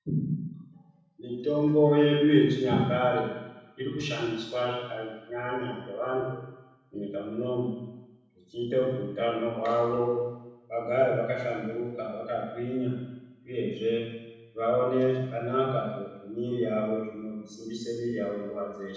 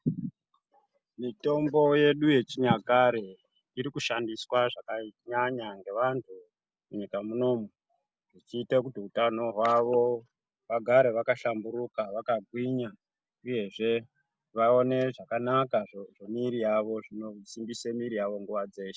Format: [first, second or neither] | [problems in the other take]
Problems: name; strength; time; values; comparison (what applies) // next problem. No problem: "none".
second | room echo; dies away in 1.1 s